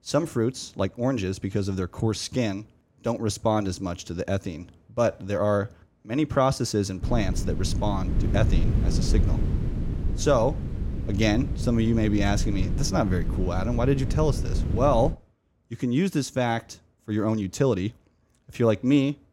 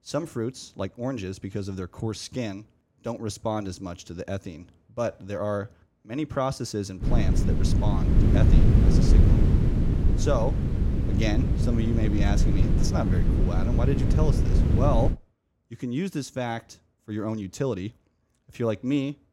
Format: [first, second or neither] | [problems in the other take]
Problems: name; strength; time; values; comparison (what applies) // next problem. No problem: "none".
first | wind noise on the microphone; heavy; from 7 to 15 s; 2 dB below the speech; occasional gusts in the first